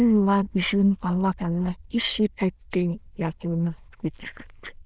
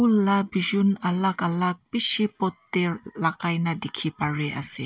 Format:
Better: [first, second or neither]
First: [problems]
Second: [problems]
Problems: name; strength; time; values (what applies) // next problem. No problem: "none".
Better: second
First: noise reduction (neural diffusion model UNIVERSE++)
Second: none